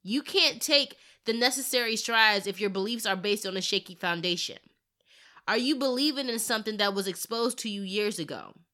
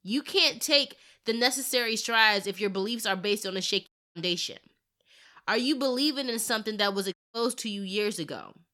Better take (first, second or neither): first